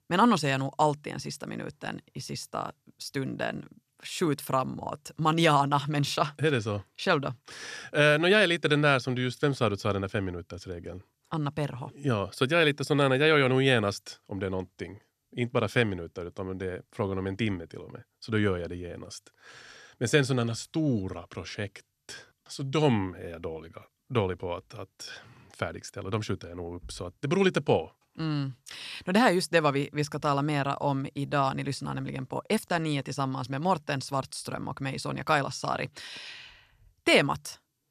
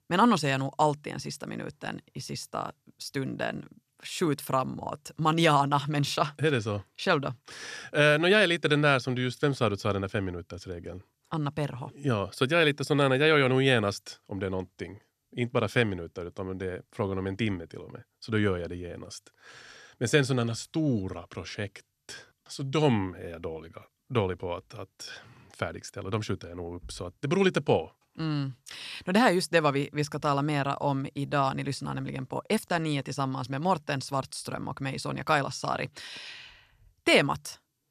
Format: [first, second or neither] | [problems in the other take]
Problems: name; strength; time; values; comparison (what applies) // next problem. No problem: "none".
neither | none